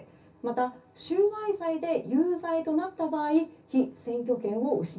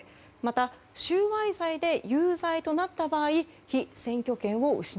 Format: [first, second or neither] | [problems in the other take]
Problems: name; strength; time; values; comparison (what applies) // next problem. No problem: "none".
second | room echo; dies away in 0.3 s